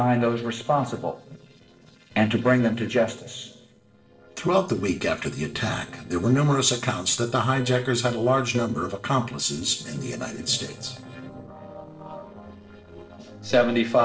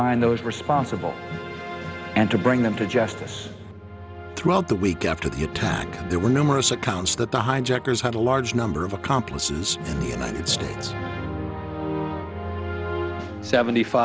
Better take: second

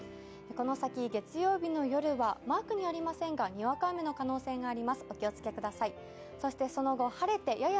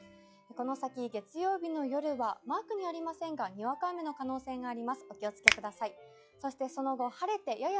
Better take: first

